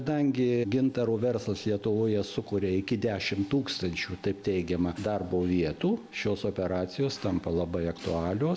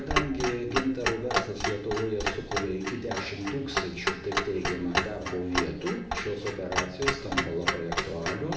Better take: first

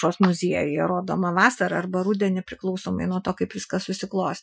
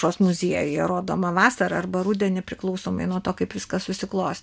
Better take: second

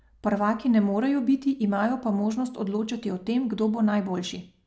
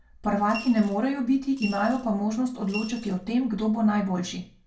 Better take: first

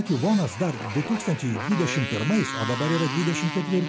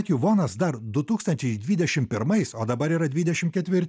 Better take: second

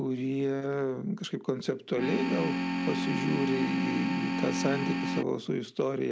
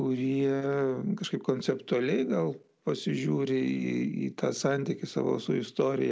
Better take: second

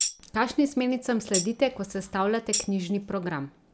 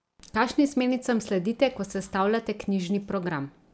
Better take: second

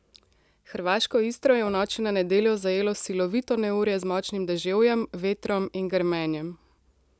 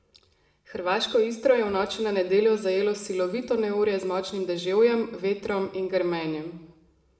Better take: first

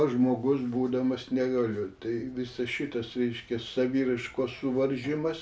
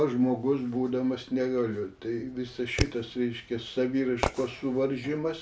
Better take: first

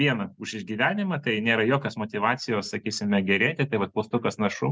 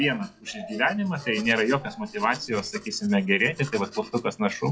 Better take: first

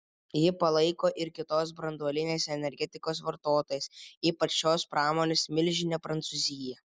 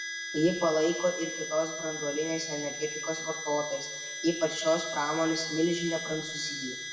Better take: first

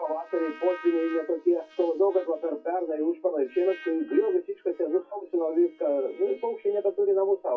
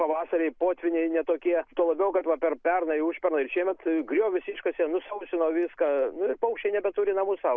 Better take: second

